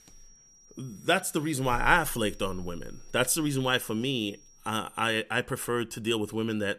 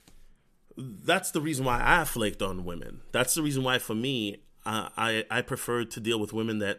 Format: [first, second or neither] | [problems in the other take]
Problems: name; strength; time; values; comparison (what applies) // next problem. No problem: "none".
second | high-pitched whine; faint; until 4.5 s; 5.5 kHz, 25 dB below the speech